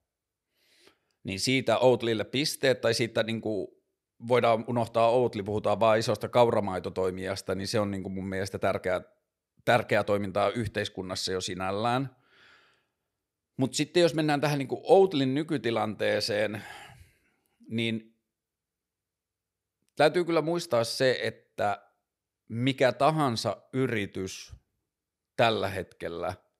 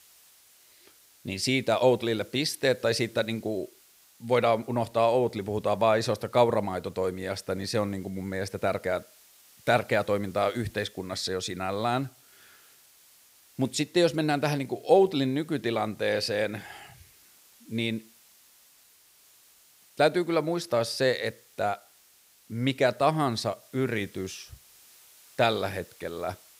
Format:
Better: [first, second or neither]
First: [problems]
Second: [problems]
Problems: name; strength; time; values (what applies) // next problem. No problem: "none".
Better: first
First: none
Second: hiss; faint; throughout; 25 dB below the speech